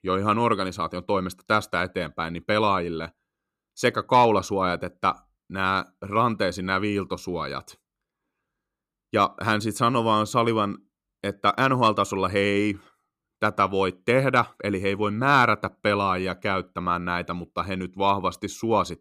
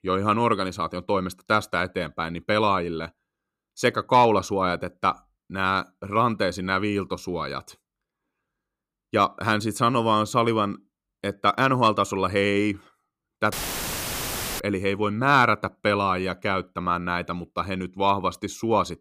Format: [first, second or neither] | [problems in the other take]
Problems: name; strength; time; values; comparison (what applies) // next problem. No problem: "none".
first | audio cutting out; filled with static; at 14 s for 1 s